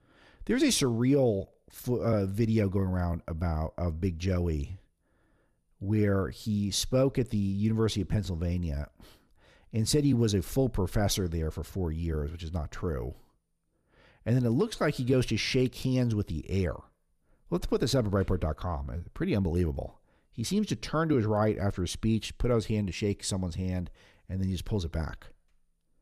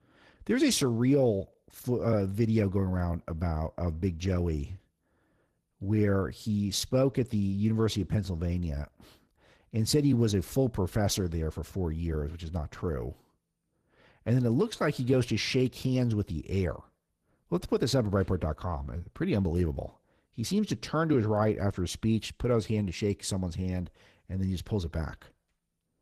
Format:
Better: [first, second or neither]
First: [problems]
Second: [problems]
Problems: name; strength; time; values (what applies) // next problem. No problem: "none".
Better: first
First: none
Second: garbled, watery; slightly; nothing above 14.5 kHz